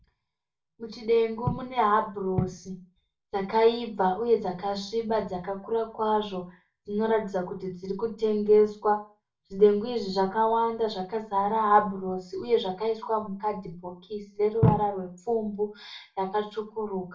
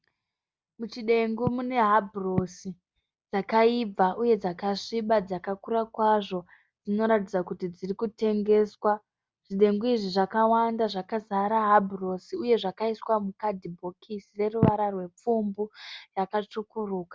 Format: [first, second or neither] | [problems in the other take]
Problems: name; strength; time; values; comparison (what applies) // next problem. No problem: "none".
second | room echo; dies away in 0.3 s